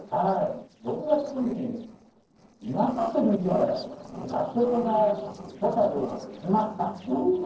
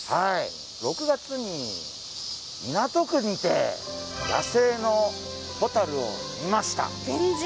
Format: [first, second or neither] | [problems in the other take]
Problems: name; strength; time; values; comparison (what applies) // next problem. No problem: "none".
second | noise reduction (neural separator model SepFormer DNS4)